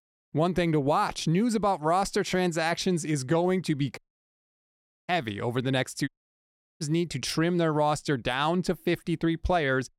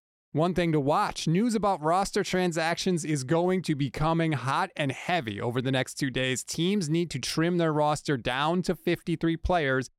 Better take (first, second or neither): second